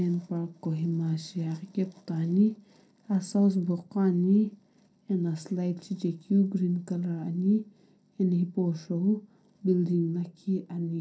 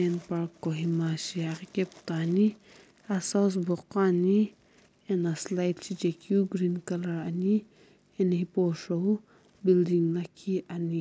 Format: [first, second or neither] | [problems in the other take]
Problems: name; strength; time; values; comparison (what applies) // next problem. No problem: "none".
second | room echo; dies away in 0.3 s